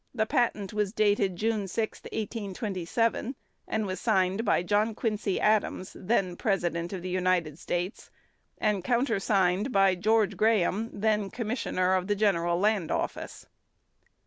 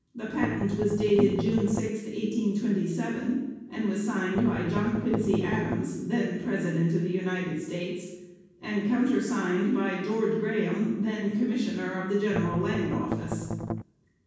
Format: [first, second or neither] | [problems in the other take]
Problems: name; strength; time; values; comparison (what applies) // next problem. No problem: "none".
first | background sound (Strum); 5 dB below the speech // room echo; dies away in 1.2 s